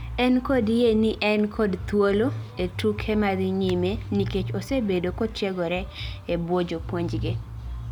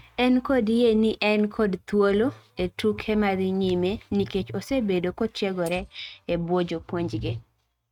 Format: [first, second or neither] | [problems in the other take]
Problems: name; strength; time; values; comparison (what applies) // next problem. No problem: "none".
first | noise reduction (neural mask model RNNoise)